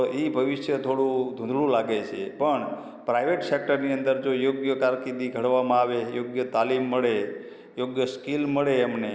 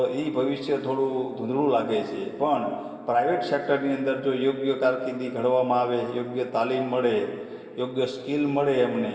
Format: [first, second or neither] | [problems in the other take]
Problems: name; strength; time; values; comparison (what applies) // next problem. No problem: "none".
first | room echo; dies away in 2.2 s